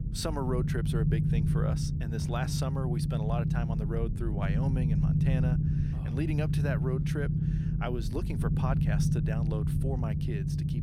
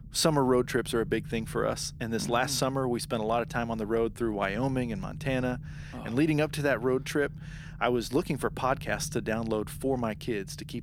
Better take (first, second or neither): second